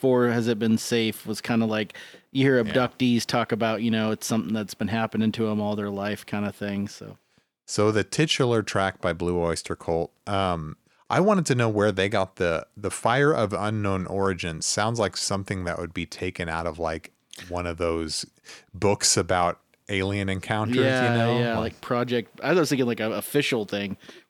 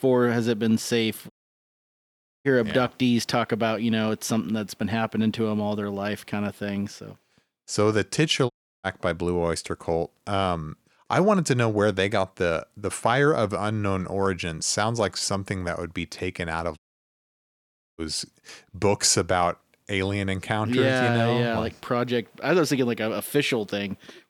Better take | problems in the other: first | audio cutting out; at 1.5 s for 1 s, at 8.5 s and at 17 s for 1 s

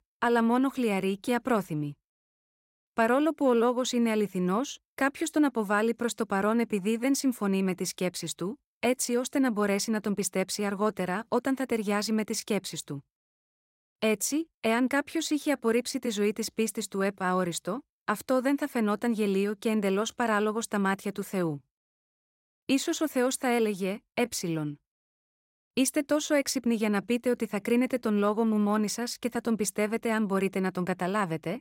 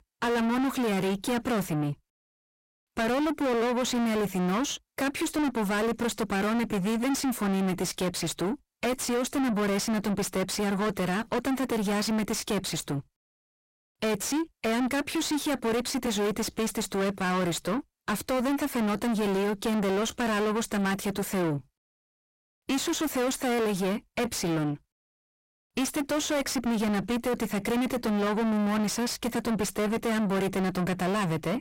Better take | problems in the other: first | distortion; heavy; 5 dB below the speech

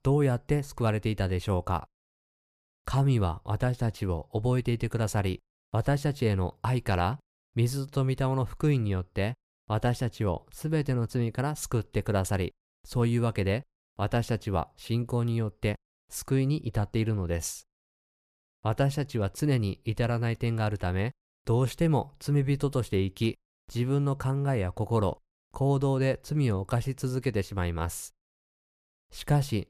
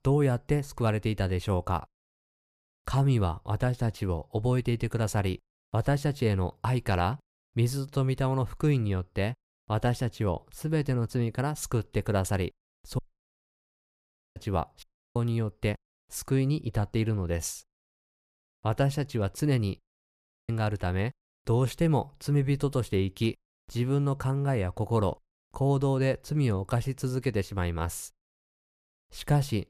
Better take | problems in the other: first | audio cutting out; at 13 s for 1.5 s, at 15 s and at 20 s for 0.5 s

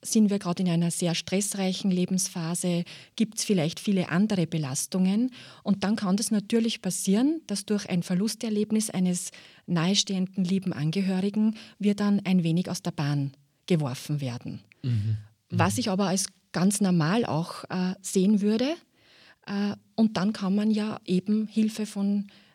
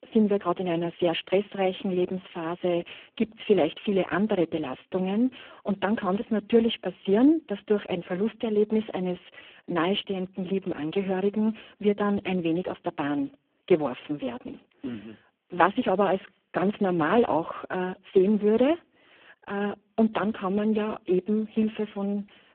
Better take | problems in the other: first | phone-call audio; poor line

